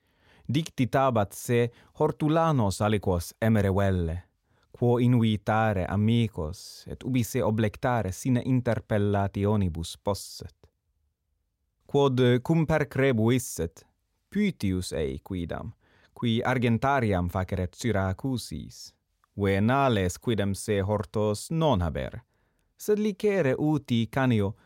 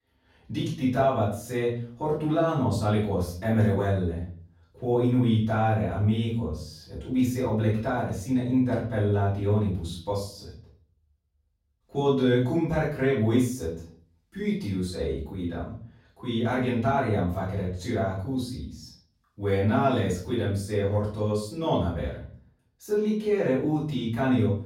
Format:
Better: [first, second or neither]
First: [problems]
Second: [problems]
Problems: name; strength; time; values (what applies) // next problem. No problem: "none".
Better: first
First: none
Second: off-mic speech; far // room echo; noticeable; dies away in 0.5 s